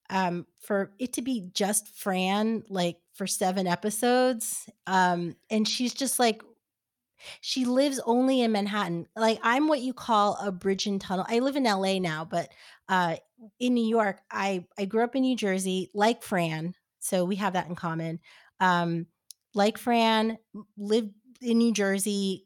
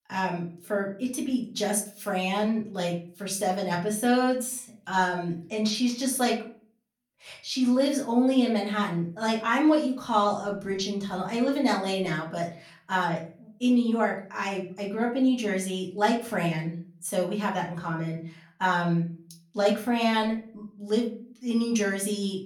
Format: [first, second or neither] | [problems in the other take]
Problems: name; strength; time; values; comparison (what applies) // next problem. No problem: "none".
first | room echo; slight; dies away in 0.4 s // off-mic speech; far